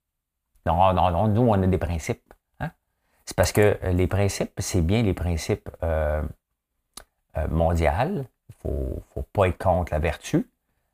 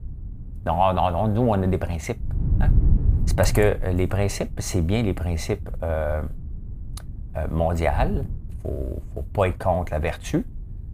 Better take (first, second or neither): first